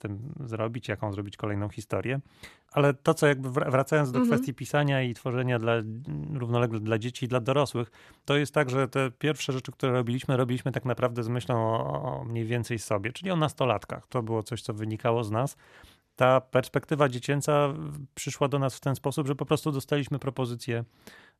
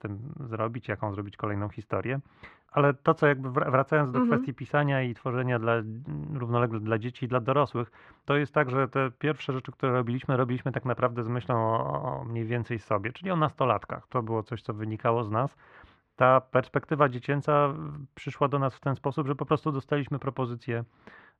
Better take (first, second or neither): first